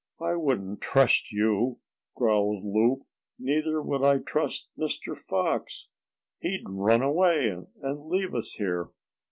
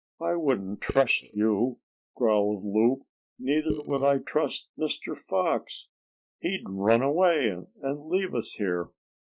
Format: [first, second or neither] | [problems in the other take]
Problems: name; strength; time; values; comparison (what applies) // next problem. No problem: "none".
first | noise reduction (neural mask model DeepFilterNet 3)